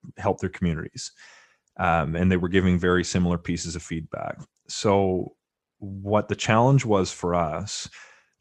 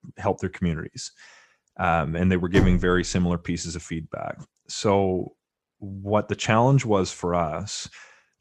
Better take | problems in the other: first | door banging; loud; at 2.5 s; peak level with the speech

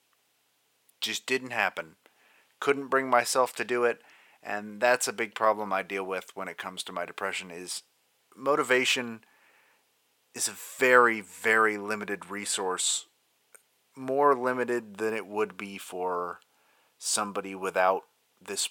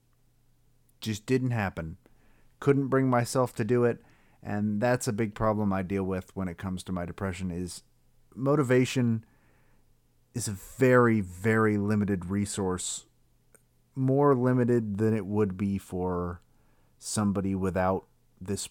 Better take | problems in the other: second | thin; very; fading below 600 Hz

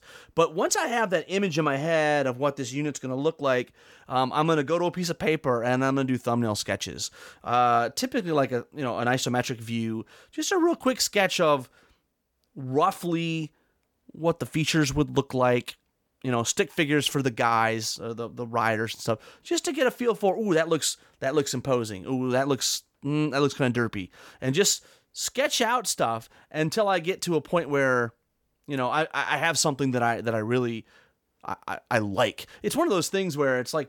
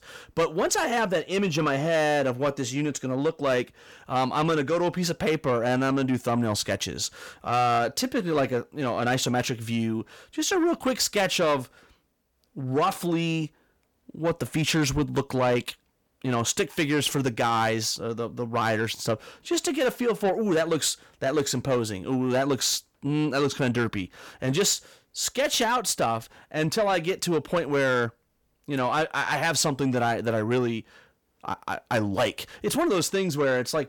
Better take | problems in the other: first | distortion; slight; 10 dB below the speech

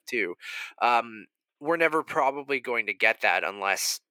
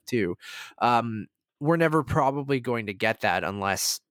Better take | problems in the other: second | thin; somewhat; fading below 450 Hz

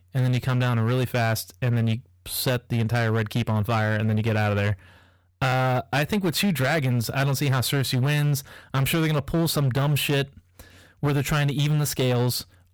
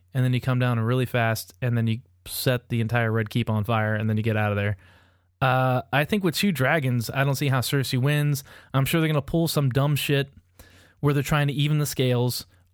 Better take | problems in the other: second | distortion; slight; 17% of the sound clipped

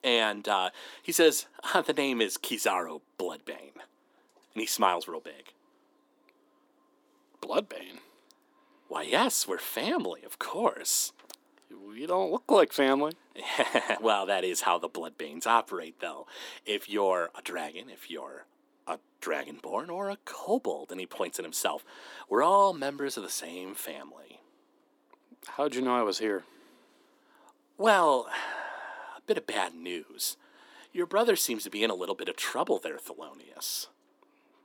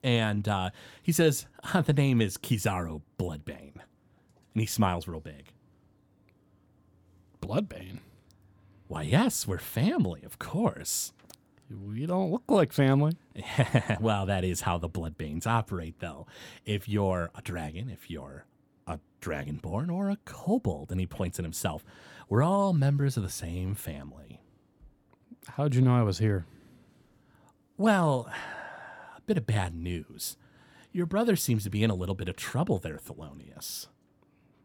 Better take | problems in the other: second | thin; very; fading below 300 Hz

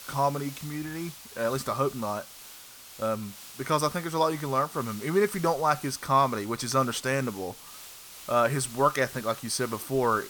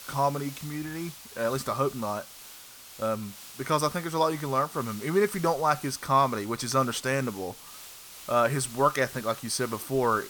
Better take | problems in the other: neither | hiss; noticeable; throughout; 15 dB below the speech; the same in both

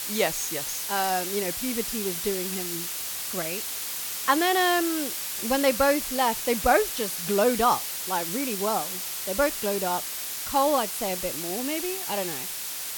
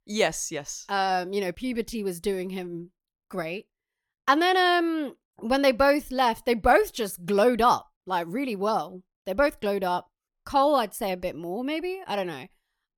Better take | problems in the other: second | hiss; loud; throughout; 3 dB below the speech

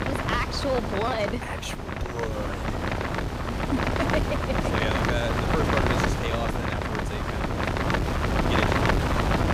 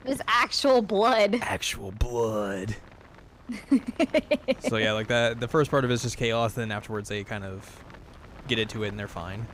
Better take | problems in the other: second | wind noise on the microphone; heavy; 4 dB above the speech; occasional gusts in the second

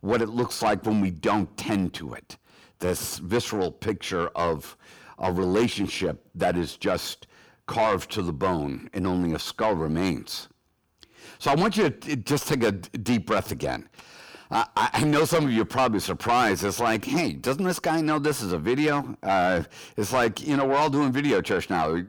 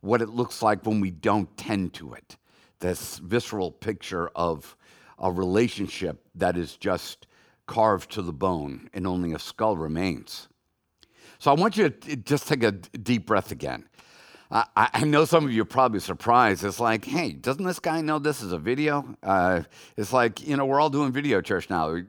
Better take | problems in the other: second | distortion; heavy; 8 dB below the speech

